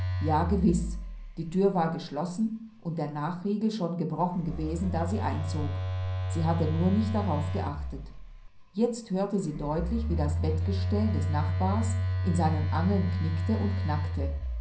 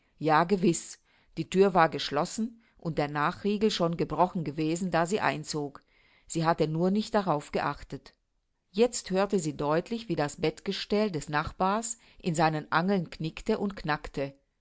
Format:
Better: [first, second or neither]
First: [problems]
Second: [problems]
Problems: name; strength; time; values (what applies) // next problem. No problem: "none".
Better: second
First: background sound (Telephone); 1 dB below the speech // room echo; dies away in 0.6 s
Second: none